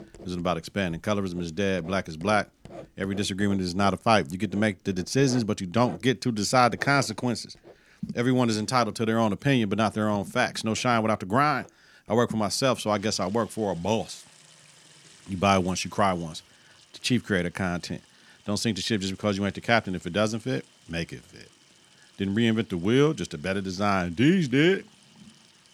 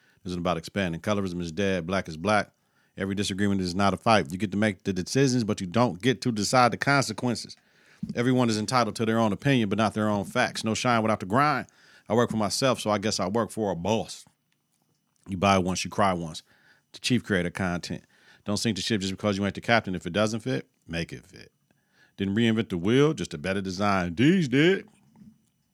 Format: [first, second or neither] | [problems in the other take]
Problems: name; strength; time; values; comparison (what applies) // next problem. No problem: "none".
second | household noises; faint; throughout; 25 dB below the speech